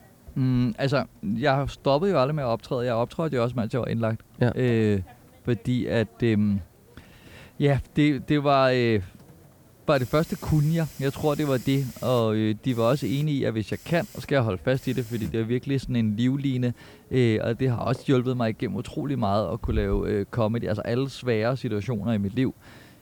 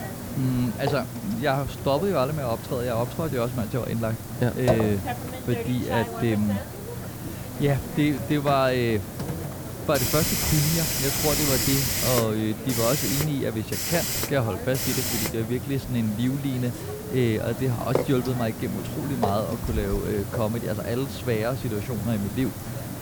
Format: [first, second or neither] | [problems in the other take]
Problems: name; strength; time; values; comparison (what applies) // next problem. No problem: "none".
first | hiss; loud; throughout; 3 dB below the speech; faint in the first